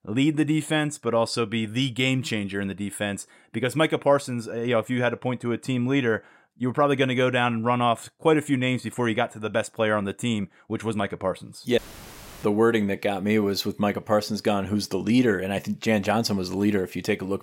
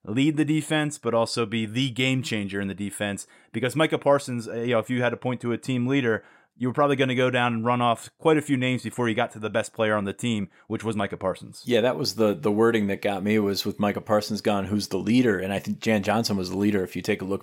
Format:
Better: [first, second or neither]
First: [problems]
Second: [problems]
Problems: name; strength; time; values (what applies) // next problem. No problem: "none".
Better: second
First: audio cutting out; filled with static; at 12 s for 0.5 s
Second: none